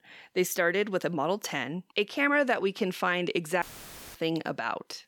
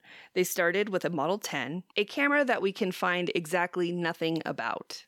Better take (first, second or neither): second